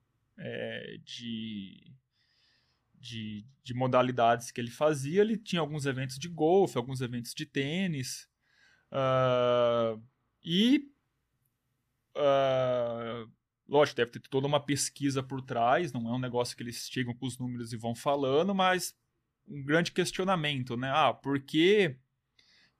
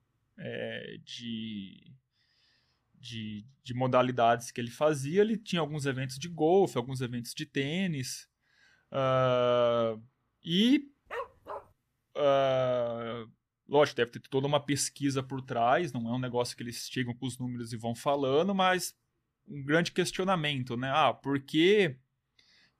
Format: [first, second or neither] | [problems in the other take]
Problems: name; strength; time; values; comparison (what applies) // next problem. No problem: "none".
first | dog barking; faint; at 11 s; peak 10 dB below the speech